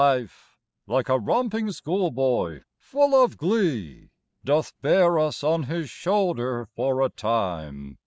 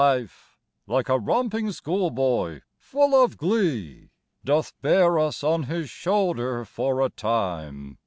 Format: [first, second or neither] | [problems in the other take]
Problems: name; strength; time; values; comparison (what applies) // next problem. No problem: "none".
second | noise reduction (neural mask model Resemble Enhance denoiser)